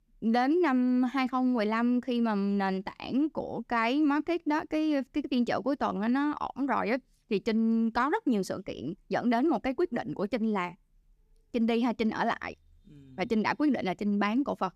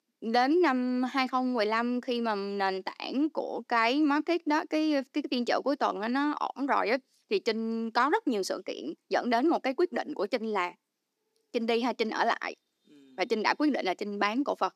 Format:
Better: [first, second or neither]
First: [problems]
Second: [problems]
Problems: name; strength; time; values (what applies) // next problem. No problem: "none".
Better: first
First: none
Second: thin; very slightly; fading below 300 Hz